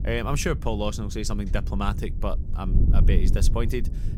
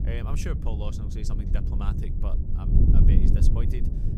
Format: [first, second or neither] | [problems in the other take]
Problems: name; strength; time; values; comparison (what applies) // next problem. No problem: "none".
first | wind noise on the microphone; heavy; 2 dB above the speech; occasional gusts in the first